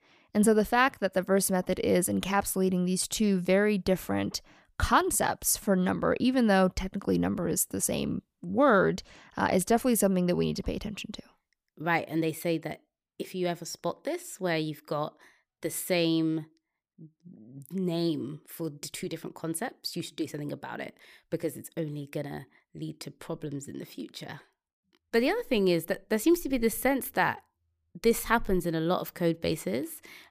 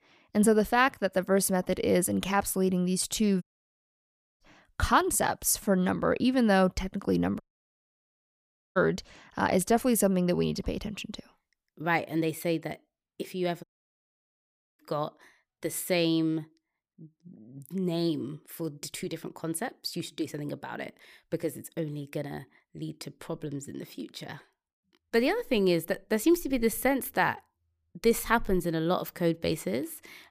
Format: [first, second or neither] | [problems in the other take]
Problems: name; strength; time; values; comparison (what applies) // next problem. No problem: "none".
first | audio cutting out; at 3.5 s for 1 s, at 7.5 s for 1.5 s and at 14 s for 1 s